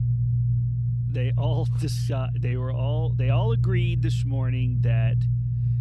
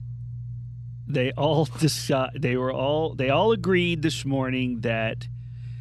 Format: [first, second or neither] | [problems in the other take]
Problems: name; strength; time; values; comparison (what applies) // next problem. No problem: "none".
second | low rumble; loud; throughout; 2 dB below the speech; faint in the second